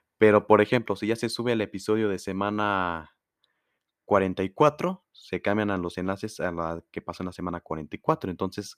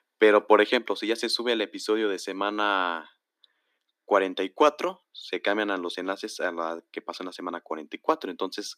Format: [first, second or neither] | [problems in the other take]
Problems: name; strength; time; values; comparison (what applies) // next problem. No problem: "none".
first | thin; very slightly; fading below 250 Hz